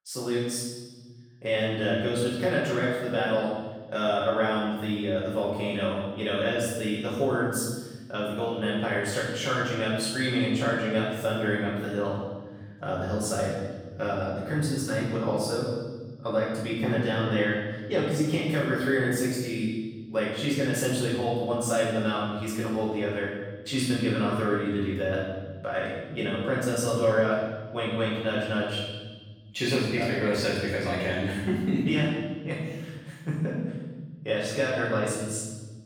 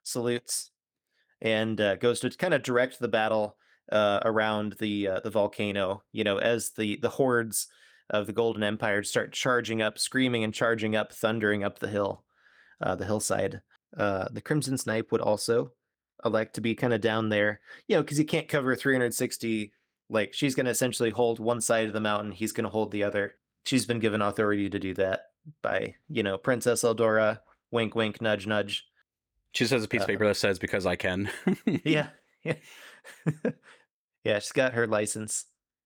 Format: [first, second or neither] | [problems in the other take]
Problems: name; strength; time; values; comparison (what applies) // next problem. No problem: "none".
second | room echo; strong; dies away in 1.7 s // off-mic speech; far